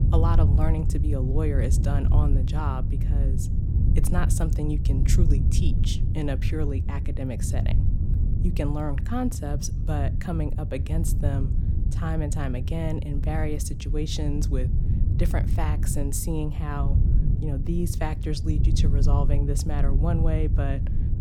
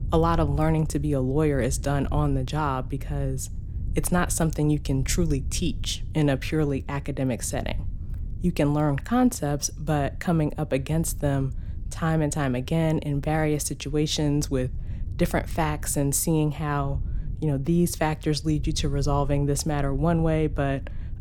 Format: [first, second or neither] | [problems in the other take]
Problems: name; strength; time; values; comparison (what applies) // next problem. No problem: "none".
second | low rumble; loud; throughout; 6 dB below the speech; faint in the second